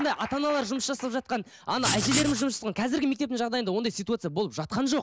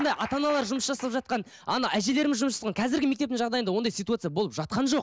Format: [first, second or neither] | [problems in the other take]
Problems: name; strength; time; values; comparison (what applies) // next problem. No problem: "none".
second | background sound (Writing); 2 dB below the speech